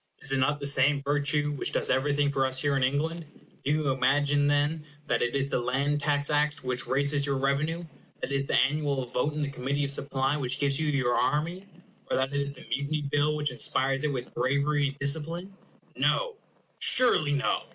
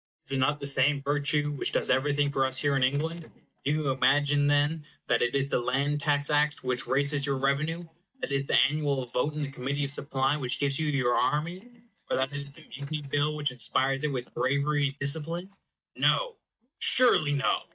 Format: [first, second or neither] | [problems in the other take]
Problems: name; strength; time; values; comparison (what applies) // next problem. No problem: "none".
first | noise reduction (neural mask model DeepFilterNet 3)